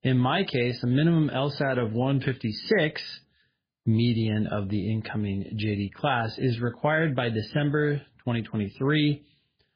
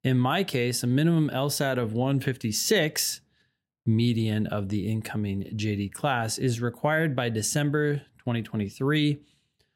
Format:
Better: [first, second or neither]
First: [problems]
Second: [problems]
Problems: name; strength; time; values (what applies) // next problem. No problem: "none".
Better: second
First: garbled, watery; badly; nothing above 5 kHz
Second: none